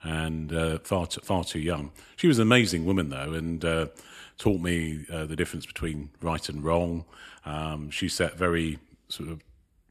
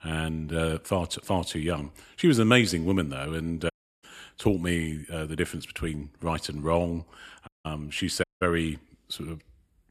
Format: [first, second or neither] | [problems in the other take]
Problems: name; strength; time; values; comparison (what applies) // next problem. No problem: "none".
first | audio cutting out; at 3.5 s, at 7.5 s and at 8 s